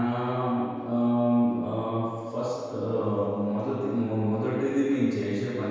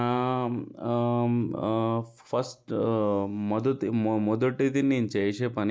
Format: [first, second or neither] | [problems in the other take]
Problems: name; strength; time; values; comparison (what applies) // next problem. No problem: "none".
second | room echo; dies away in 1.9 s